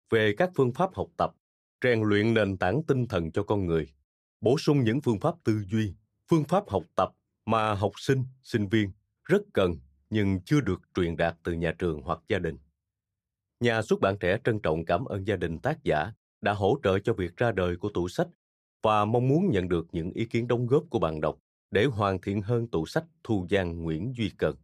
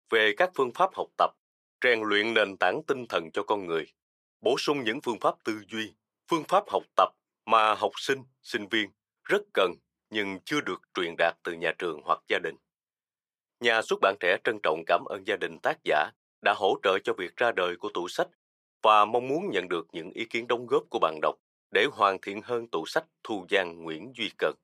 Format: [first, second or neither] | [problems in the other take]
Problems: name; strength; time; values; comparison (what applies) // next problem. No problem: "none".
first | thin; very; fading below 450 Hz